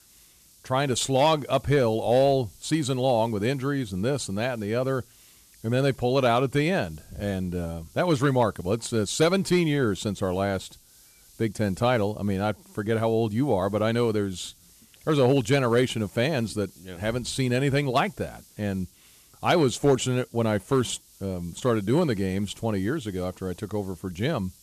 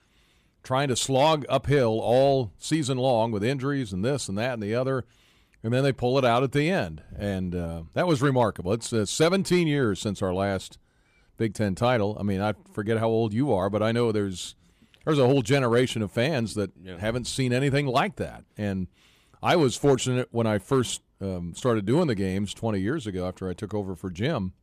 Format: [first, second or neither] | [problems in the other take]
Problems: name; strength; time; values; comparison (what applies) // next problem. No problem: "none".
second | hiss; faint; throughout; 25 dB below the speech